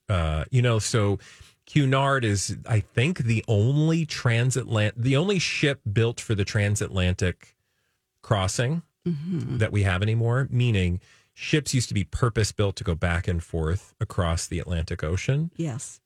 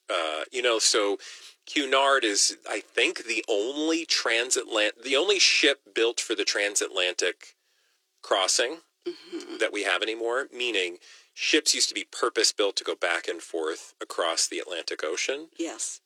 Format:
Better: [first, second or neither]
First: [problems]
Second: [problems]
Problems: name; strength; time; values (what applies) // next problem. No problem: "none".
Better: first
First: none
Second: thin; very; fading below 300 Hz